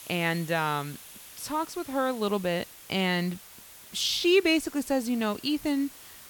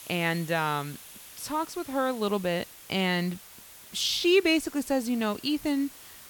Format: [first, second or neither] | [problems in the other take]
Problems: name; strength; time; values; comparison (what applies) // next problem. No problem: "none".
neither | hiss; noticeable; throughout; 15 dB below the speech; the same in both